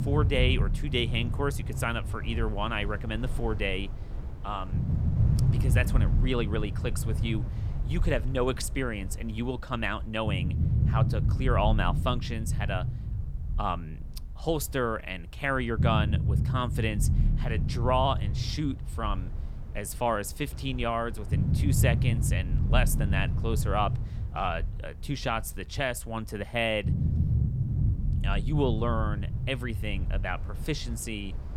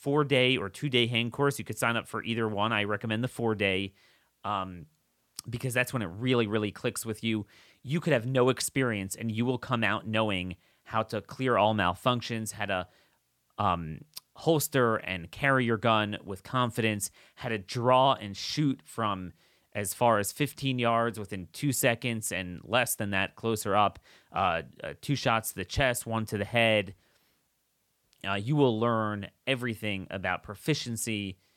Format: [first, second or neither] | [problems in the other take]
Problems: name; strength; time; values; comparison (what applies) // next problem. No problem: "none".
second | low rumble; noticeable; throughout; 10 dB below the speech